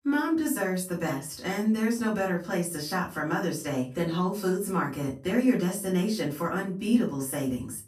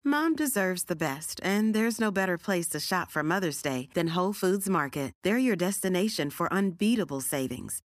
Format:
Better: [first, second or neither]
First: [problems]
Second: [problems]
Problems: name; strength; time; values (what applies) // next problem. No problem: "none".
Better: second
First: off-mic speech; far // room echo; slight; dies away in 0.3 s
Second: none